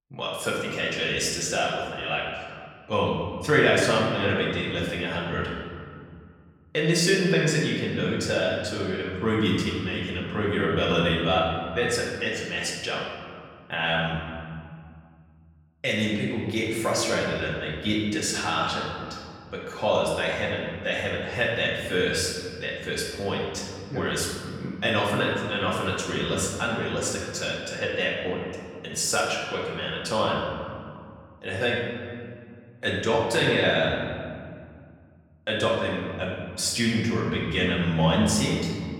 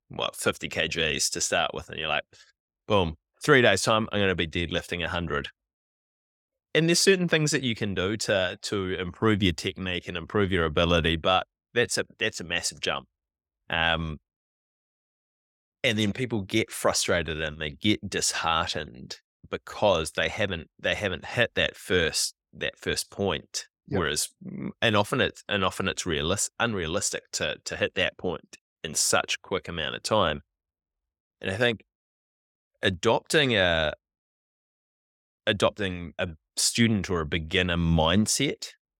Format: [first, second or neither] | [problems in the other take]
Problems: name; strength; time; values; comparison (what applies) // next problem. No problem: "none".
second | room echo; noticeable; dies away in 2 s // off-mic speech; far